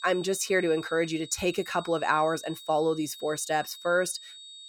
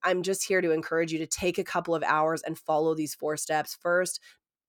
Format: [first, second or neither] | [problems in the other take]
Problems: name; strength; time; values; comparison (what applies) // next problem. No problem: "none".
second | high-pitched whine; noticeable; throughout; 3.5 kHz, 15 dB below the speech